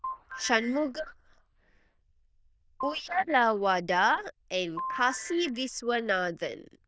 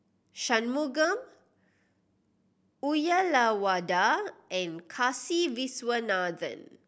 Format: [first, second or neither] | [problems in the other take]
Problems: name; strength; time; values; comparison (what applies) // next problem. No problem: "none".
second | noise reduction (neural diffusion model UNIVERSE++)